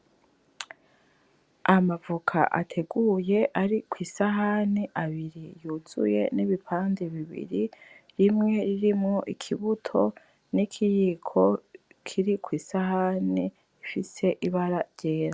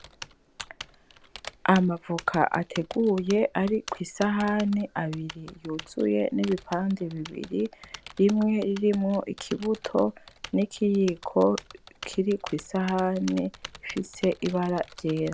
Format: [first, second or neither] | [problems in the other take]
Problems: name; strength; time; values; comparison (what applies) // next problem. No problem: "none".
first | background sound (Typing); 18 dB below the speech